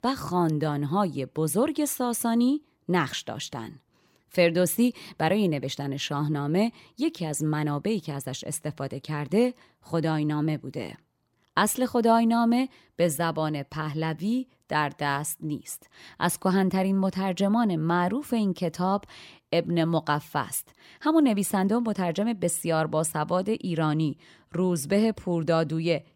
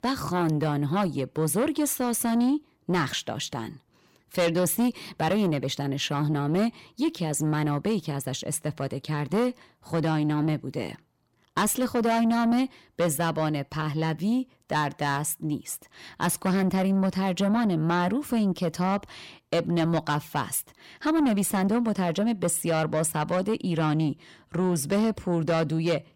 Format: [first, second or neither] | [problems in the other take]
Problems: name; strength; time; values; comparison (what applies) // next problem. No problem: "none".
first | distortion; slight; 10 dB below the speech